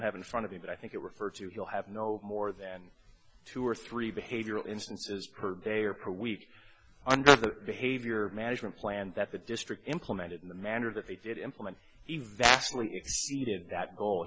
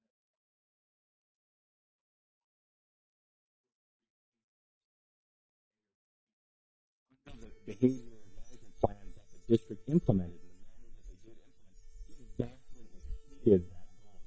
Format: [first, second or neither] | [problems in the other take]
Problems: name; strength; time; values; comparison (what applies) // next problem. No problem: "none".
first | noise reduction (neural mask model DeepFilterNet 3)